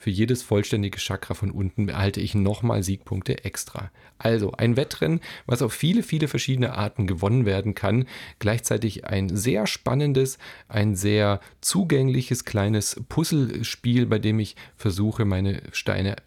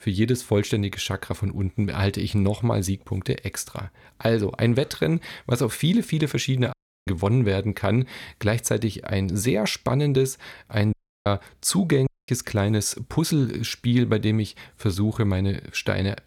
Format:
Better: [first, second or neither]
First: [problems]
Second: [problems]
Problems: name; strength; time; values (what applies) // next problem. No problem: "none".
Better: first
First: none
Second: audio cutting out; at 6.5 s, at 11 s and at 12 s